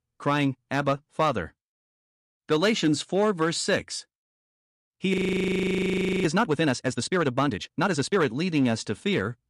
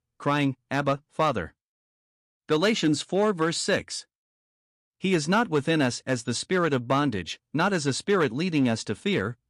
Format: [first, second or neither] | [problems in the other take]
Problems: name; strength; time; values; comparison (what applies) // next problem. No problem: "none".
second | audio freezing; at 5 s for 1 s